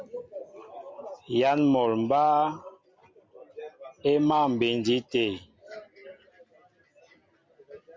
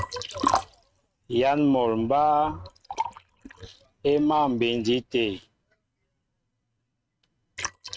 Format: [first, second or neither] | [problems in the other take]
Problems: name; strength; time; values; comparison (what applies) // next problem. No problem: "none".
first | noise reduction (neural mask model RNNoise)